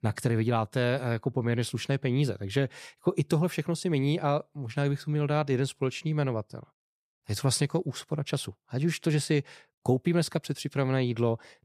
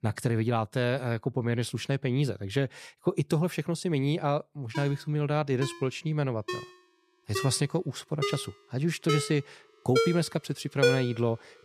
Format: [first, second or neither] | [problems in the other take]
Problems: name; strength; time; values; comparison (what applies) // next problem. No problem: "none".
first | phone ringing; loud; from 5 to 11 s; peak 4 dB above the speech